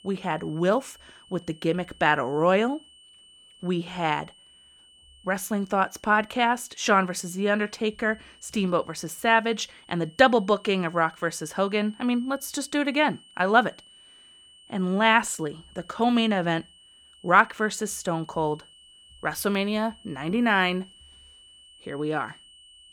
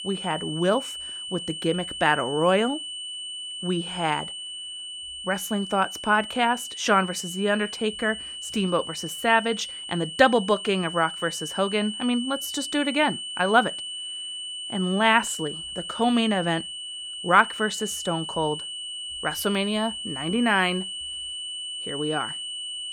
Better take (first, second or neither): first